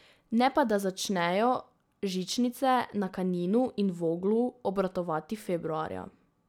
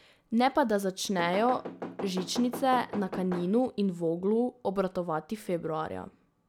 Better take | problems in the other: first | background sound (Knock / Wood); 10 dB below the speech

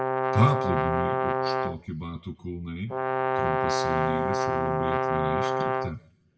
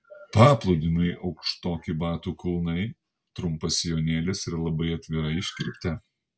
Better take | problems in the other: second | background sound (Brass instrument); 4 dB above the speech // room echo; dies away in 1.1 s

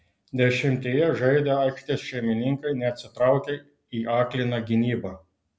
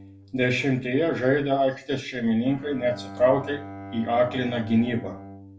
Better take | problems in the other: first | background sound (Bowed string instrument); 17 dB below the speech // room echo; dies away in 0.2 s

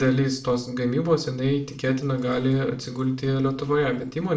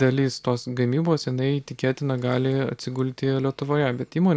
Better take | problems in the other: second | room echo; dies away in 0.3 s

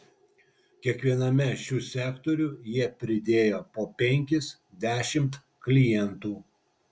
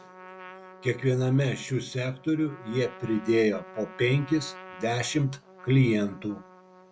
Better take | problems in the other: first | background sound (Trumpet); 19 dB below the speech

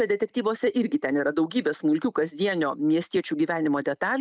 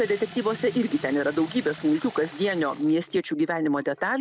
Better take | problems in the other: first | background sound (Sink (filling or washing) / Water tap, faucet); 18 dB below the speech

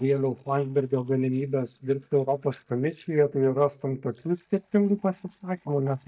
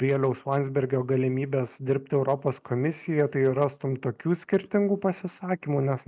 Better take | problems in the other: second | noise reduction (neural mask model DeepFilterNet 3)

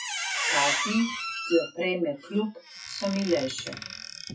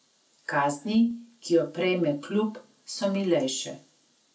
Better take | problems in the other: second | noise reduction (classical method WPE with log-MMSE)

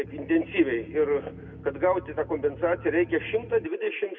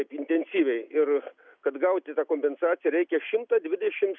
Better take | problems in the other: second | background sound (Engine); 16 dB below the speech // room echo; dies away in 1.7 s

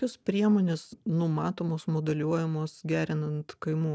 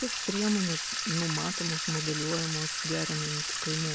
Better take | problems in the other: first | background sound (Sink (filling or washing) / Water tap, faucet); 1 dB below the speech

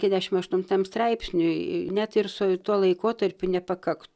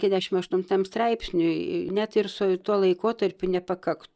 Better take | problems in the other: first | noise reduction (neural mask model Resemble Enhance denoiser)

